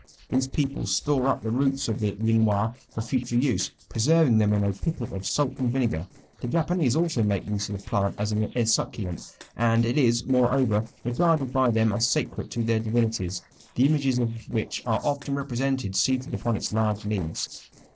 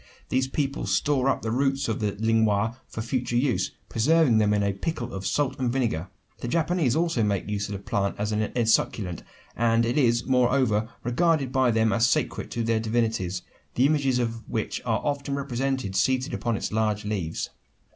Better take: second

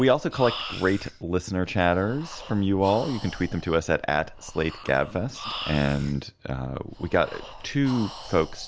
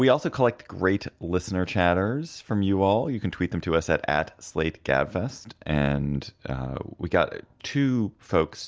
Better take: second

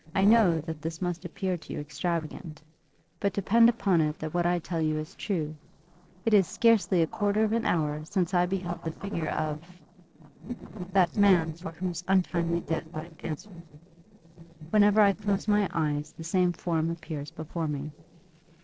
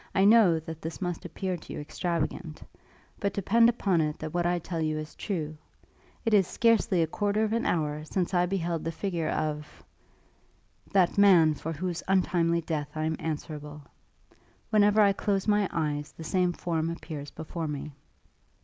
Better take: second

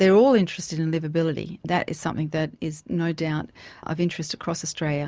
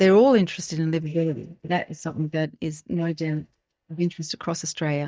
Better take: first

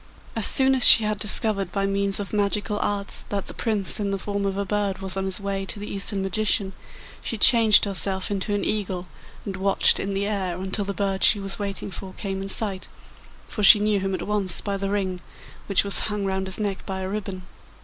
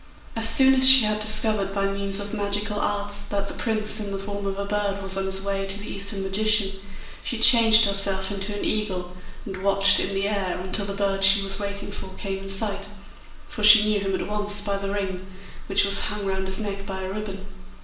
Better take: first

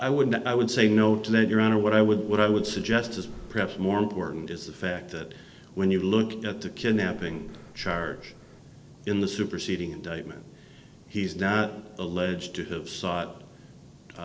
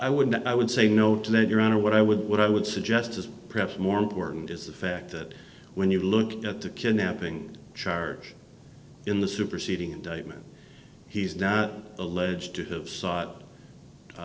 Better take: second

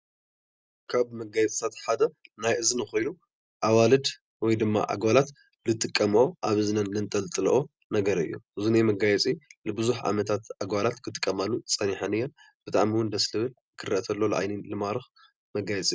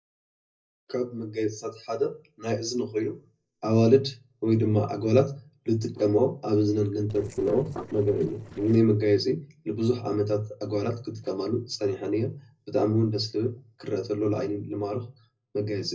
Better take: first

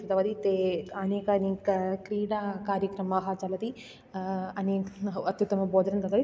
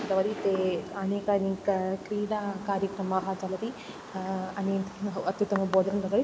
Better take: first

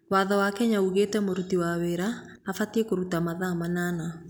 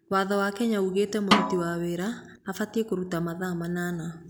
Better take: first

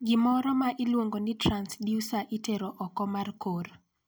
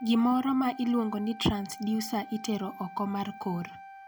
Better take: first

